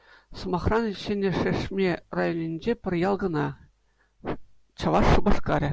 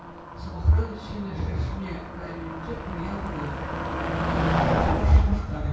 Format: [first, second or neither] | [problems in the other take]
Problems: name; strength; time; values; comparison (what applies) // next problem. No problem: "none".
first | background sound (Motor vehicle (road)); 3 dB below the speech // room echo; dies away in 0.6 s